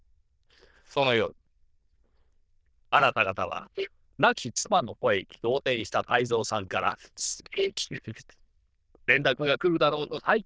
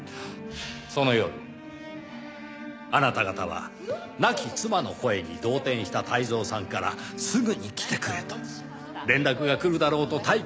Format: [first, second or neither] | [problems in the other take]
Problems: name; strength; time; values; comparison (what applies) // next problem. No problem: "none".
second | noise reduction (neural diffusion model UNIVERSE++)